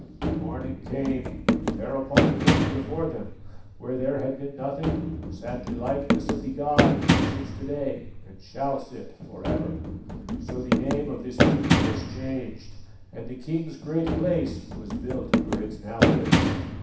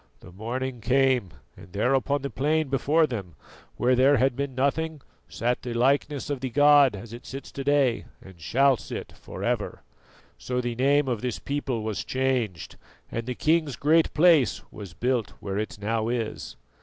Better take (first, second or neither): second